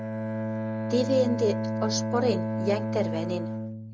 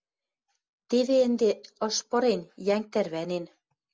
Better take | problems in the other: second | background sound (Bowed string instrument); 1 dB below the speech

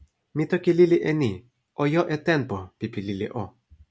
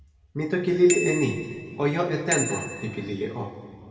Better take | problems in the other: first | background sound (Bicycle bell); 8 dB below the speech // room echo; dies away in 2.1 s

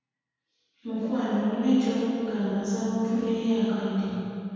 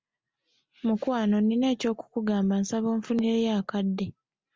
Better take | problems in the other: second | room echo; dies away in 2.1 s

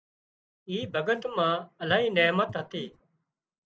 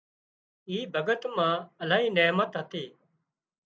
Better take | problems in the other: second | background sound (Breathing); 15 dB below the speech

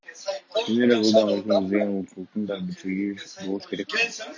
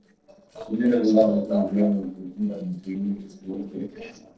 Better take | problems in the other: first | noise reduction (neural separator model SepFormer DNS4)

